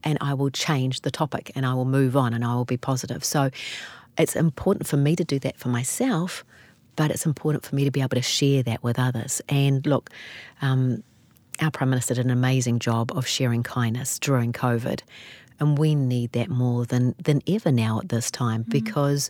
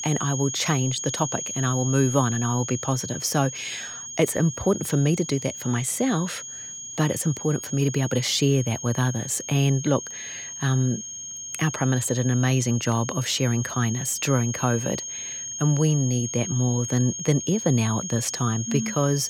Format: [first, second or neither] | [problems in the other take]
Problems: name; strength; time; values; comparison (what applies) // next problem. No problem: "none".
first | high-pitched whine; loud; throughout; 6.5 kHz, 7 dB below the speech